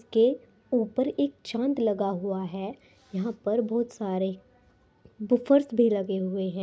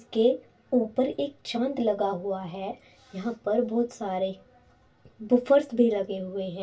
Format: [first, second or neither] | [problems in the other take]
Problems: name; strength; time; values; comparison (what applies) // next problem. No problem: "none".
first | room echo; dies away in 0.2 s